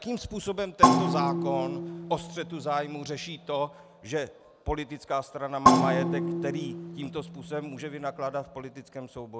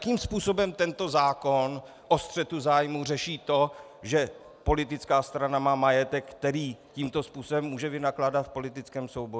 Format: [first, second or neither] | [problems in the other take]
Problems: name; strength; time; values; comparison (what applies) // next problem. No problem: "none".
second | background sound (Percussion); 5 dB above the speech